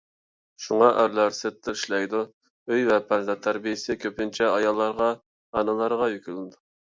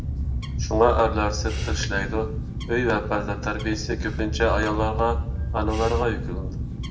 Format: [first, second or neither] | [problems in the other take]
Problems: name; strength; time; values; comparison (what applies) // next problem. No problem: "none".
first | background sound (Bird); 2 dB below the speech // room echo; dies away in 0.7 s